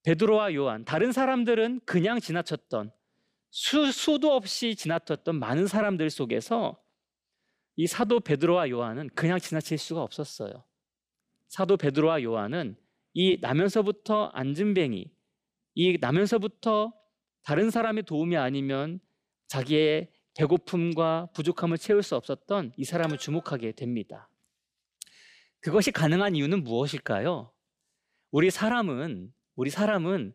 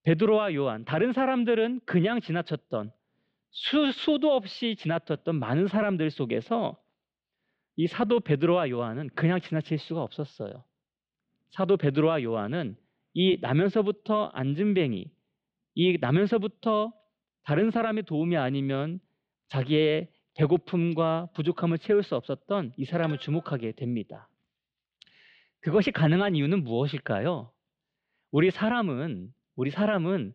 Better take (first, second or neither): first